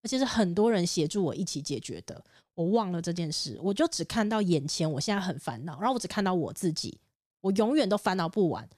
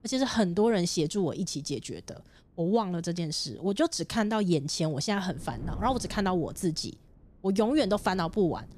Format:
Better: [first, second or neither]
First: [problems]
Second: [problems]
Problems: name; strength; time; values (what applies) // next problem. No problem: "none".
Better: first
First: none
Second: wind noise on the microphone; occasional gusts; 25 dB below the speech